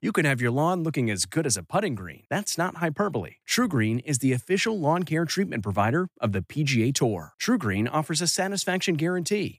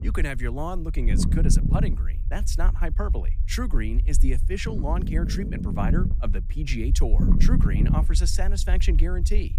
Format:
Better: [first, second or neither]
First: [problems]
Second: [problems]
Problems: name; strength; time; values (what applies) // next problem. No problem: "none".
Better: first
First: none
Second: low rumble; loud; throughout; 5 dB below the speech